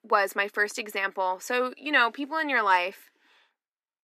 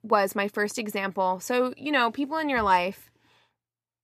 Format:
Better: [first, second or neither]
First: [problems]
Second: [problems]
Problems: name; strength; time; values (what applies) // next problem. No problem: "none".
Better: second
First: thin; very slightly; fading below 250 Hz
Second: none